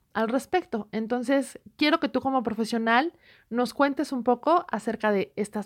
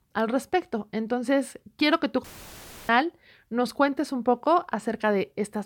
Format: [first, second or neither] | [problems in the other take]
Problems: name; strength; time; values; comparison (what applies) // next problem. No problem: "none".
first | audio cutting out; filled with static; at 2 s for 0.5 s